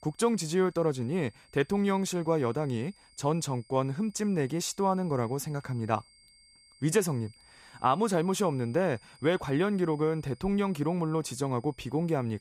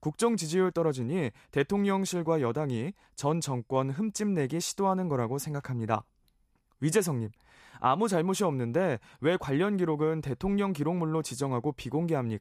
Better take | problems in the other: second | high-pitched whine; faint; throughout; 5 kHz, 30 dB below the speech

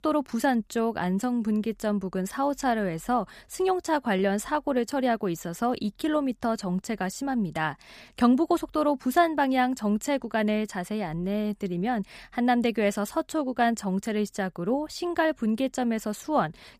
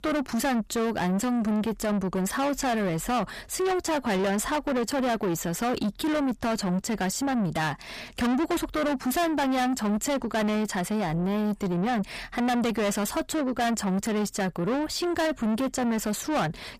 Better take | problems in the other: first | distortion; heavy; 6 dB below the speech

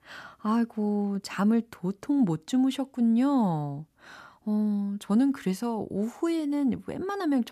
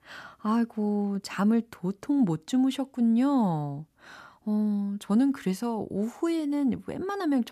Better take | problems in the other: neither | none

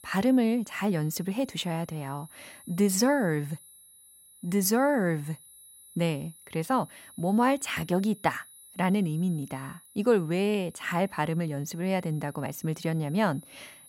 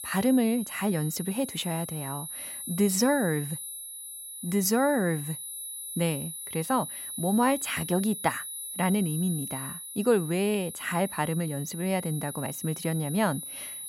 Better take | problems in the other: first | high-pitched whine; loud; throughout; 10.5 kHz, 8 dB below the speech; faint in the first

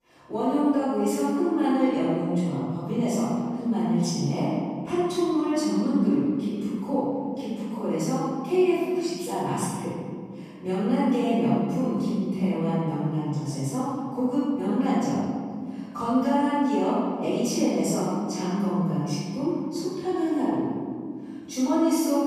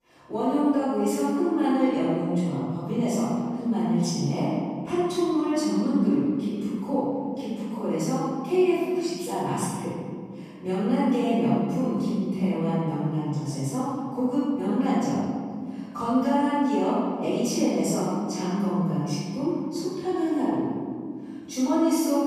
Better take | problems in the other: neither | off-mic speech; far; the same in both // room echo; strong; dies away in 2.2 s; the same in both

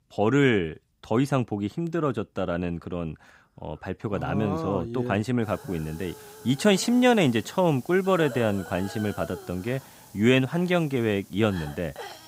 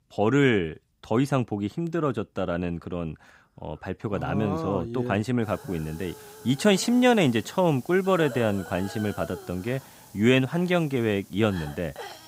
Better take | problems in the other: neither | hiss; noticeable; from 5.5 s on; 20 dB below the speech; the same in both

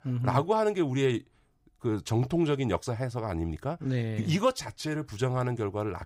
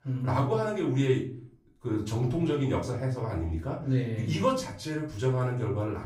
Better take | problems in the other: first | off-mic speech; far // room echo; slight; dies away in 0.4 s

